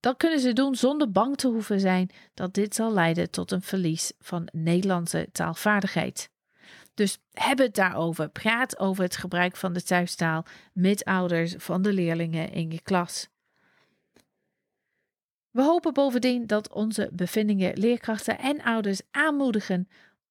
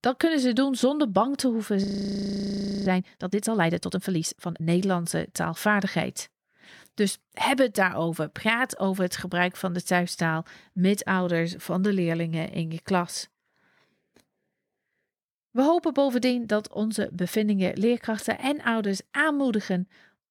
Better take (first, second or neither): first